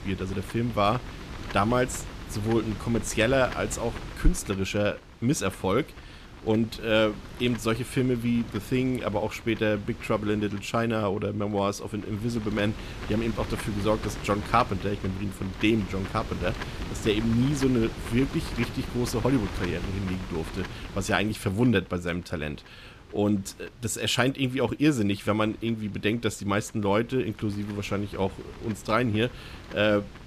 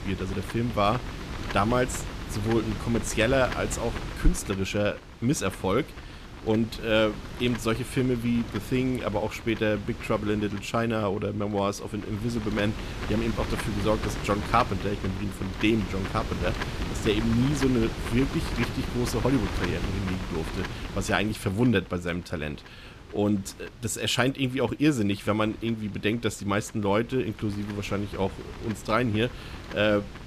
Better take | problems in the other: first | wind noise on the microphone; heavy; 9 dB below the speech; occasional gusts in the first

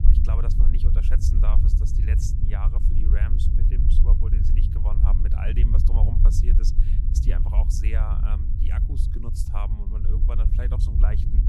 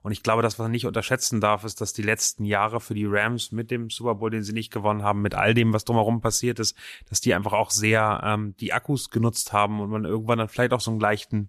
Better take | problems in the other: second | low rumble; loud; throughout; 1 dB below the speech

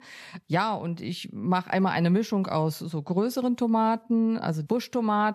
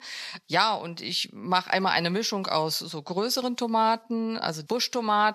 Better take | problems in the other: first | thin; somewhat; fading below 750 Hz

